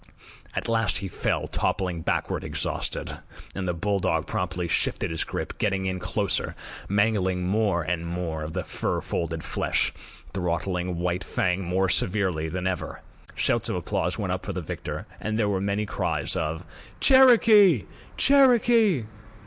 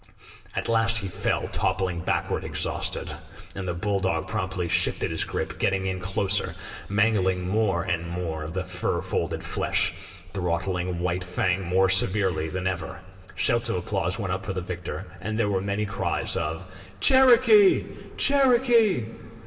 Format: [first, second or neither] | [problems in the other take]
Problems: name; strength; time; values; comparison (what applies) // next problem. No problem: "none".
first | room echo; dies away in 2 s